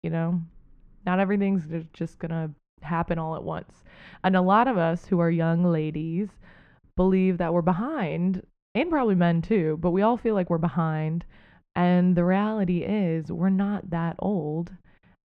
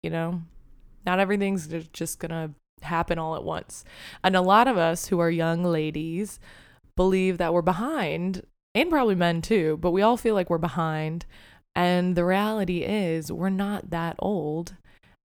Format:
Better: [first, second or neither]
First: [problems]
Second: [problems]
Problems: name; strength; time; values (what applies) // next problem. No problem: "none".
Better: second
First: muffled; very; fading above 2 kHz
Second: none